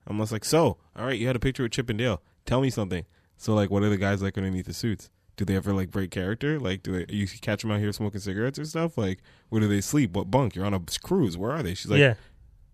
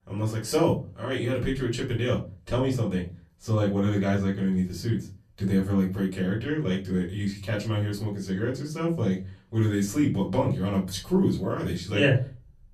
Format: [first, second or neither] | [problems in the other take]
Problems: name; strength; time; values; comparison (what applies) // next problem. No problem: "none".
first | off-mic speech; far // room echo; slight; dies away in 0.3 s